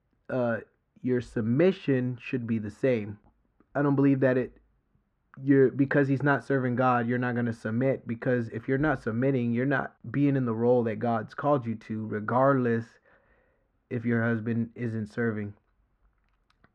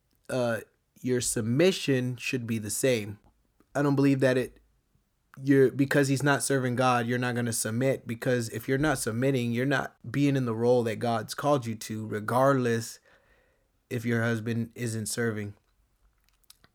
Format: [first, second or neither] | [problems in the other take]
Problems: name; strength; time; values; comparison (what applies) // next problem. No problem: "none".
second | muffled; very; fading above 1.5 kHz